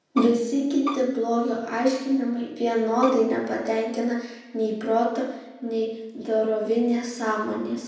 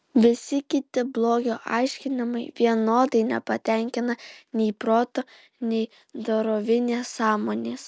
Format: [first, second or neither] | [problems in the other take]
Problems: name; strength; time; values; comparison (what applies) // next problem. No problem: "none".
second | background sound (Bowed string instrument); 12 dB below the speech // room echo; dies away in 0.9 s